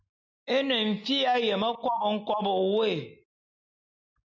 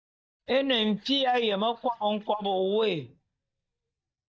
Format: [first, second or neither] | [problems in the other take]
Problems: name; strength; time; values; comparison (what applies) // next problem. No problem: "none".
first | noise reduction (neural mask model DeepFilterNet 3)